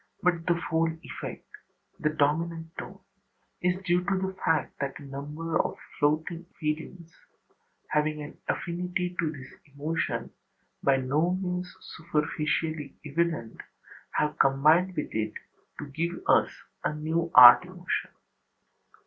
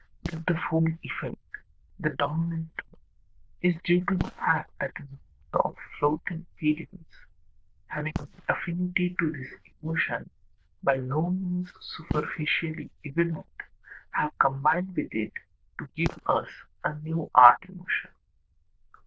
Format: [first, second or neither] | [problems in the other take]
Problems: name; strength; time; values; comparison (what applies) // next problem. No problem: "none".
first | noise reduction (neural diffusion model UNIVERSE++)